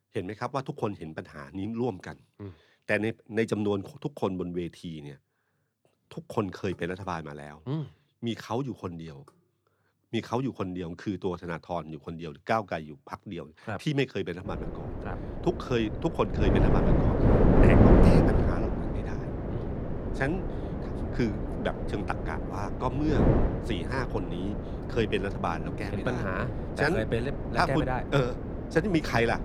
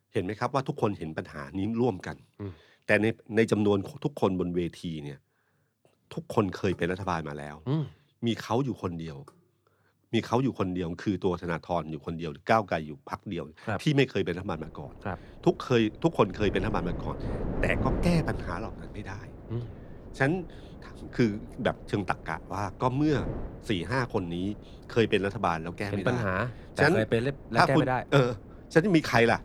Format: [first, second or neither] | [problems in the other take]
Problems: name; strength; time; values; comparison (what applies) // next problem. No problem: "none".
second | wind noise on the microphone; heavy; from 14 s on; as loud as the speech; occasional gusts in the second